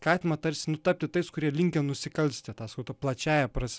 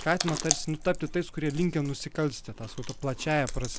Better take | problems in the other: first | background sound (Chewing, mastication); 6 dB below the speech

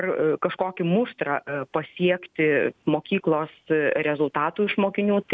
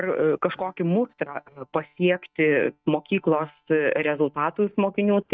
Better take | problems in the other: first | noise reduction (neural mask model DeepFilterNet 3)

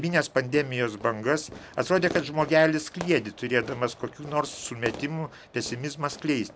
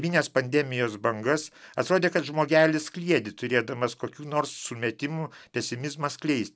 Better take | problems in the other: second | background sound (Fireworks); 16 dB below the speech

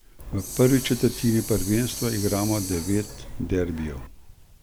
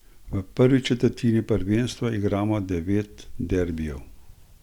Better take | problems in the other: second | background sound (Hiss); 10 dB below the speech

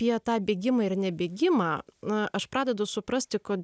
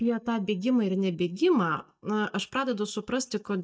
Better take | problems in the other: first | noise reduction (neural mask model DeepFilterNet 3)

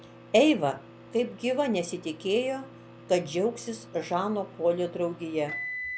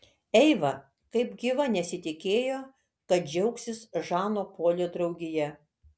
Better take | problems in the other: second | background sound (Microwave oven); 15 dB below the speech

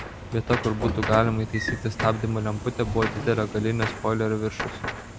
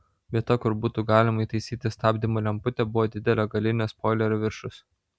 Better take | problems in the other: second | background sound (Gunshot, gunfire + Sliding door / Train); 6 dB below the speech

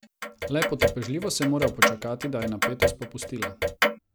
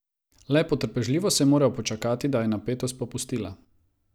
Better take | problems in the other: second | background sound (Clock); 3 dB above the speech

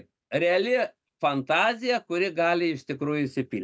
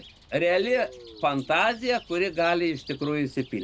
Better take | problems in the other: first | background sound (Chirp, tweet + Guitar); 20 dB below the speech

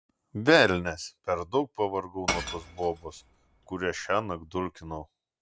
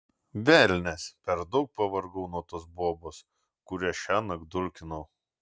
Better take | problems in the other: second | background sound (Shatter / Crushing); 10 dB below the speech

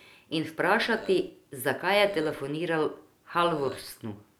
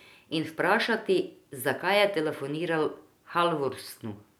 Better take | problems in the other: second | background sound (Burping, eructation); 17 dB below the speech

